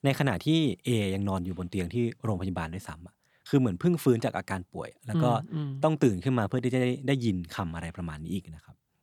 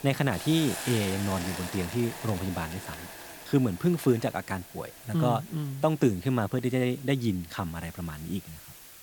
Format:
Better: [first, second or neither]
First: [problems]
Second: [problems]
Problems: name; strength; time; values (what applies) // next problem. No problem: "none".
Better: first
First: none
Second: hiss; noticeable; throughout; 10 dB below the speech